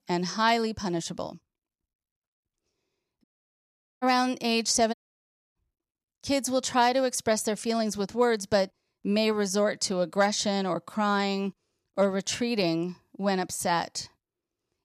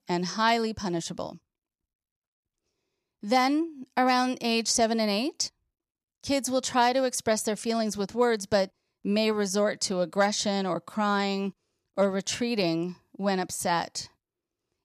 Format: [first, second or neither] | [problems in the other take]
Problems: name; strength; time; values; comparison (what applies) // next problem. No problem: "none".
second | audio cutting out; at 3 s for 1 s and at 5 s for 0.5 s